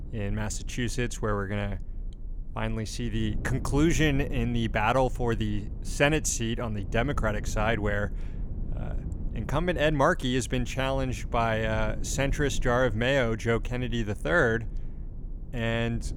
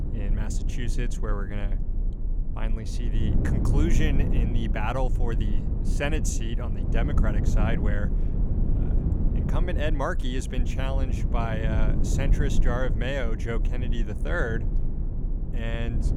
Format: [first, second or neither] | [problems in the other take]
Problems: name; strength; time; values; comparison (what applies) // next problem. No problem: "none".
first | low rumble; loud; throughout; 7 dB below the speech; faint in the first